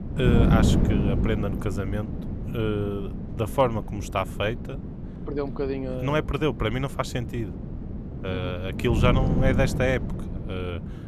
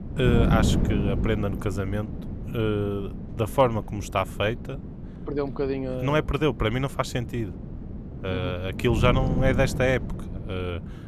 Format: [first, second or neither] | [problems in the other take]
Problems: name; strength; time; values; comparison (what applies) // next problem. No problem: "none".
second | wind noise on the microphone; heavy; 8 dB below the speech; occasional gusts in the second